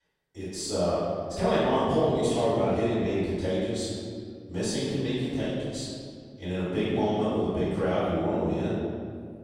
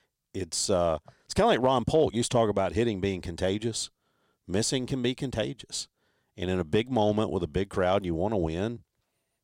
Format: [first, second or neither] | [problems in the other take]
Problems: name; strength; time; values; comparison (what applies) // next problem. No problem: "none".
second | off-mic speech; far // room echo; strong; dies away in 1.9 s